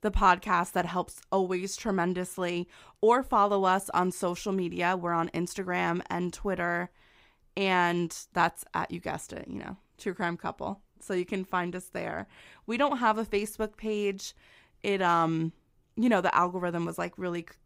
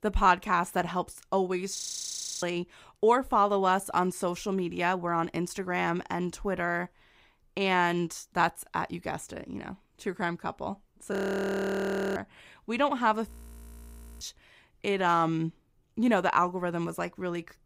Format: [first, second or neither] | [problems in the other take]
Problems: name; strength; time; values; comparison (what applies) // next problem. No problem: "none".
first | audio freezing; at 2 s for 0.5 s, at 11 s for 1 s and at 13 s for 1 s